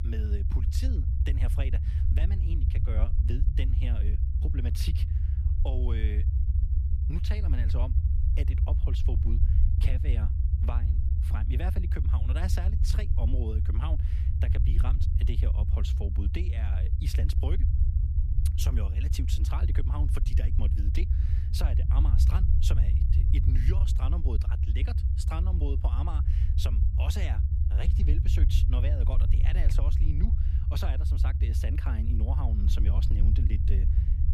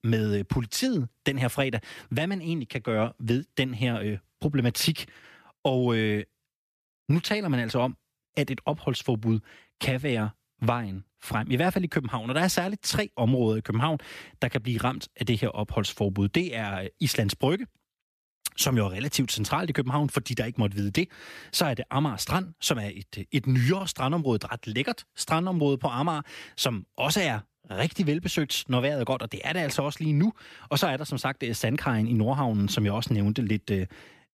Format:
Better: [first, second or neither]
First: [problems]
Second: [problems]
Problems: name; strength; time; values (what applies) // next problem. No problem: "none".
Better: second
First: low rumble; loud; throughout; 2 dB below the speech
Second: none